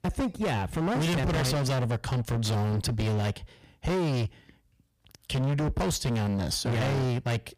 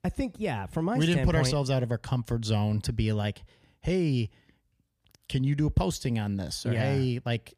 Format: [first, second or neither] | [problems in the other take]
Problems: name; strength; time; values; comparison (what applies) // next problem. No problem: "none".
second | distortion; heavy; 34% of the sound clipped